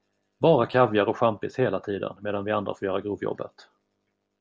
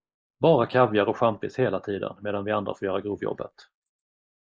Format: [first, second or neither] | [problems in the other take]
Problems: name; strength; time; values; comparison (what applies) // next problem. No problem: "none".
first | noise reduction (neural mask model Resemble Enhance denoiser)